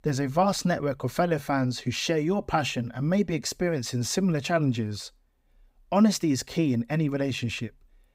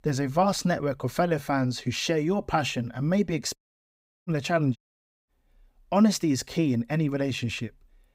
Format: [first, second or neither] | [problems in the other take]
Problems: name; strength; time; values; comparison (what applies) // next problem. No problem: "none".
first | audio cutting out; at 3.5 s for 0.5 s and at 5 s for 0.5 s